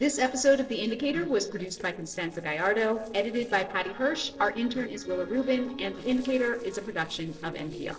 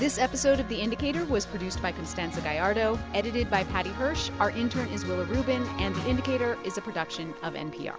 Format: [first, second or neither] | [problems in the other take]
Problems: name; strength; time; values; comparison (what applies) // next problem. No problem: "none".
second | noise reduction (neural separator model SepFormer DNS4)